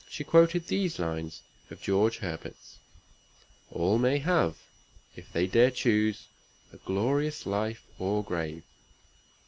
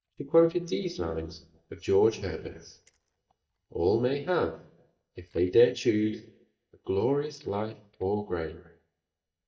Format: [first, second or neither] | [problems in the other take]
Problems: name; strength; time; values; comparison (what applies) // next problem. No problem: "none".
first | noise reduction (neural mask model DeepFilterNet 3)